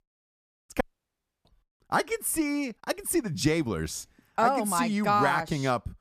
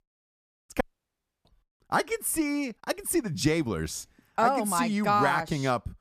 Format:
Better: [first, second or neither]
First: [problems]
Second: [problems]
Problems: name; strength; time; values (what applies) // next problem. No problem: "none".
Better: neither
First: audio cutting out; at 1 s for 0.5 s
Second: audio cutting out; at 1 s for 0.5 s